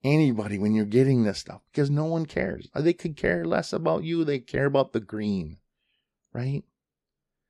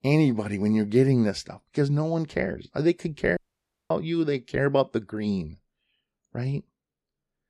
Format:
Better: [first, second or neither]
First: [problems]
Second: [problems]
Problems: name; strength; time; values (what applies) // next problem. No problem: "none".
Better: first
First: none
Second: audio cutting out; at 3.5 s for 0.5 s